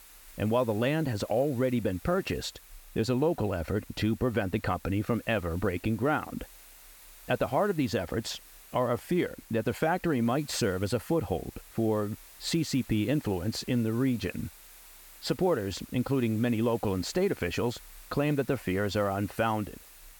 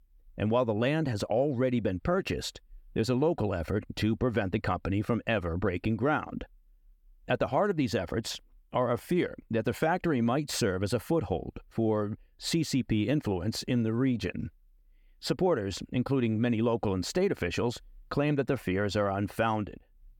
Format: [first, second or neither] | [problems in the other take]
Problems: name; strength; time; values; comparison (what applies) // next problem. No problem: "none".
second | hiss; faint; throughout; 20 dB below the speech